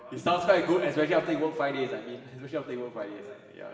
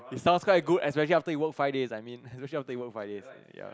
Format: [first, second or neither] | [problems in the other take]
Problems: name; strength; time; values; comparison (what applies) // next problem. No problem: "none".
second | room echo; dies away in 1.3 s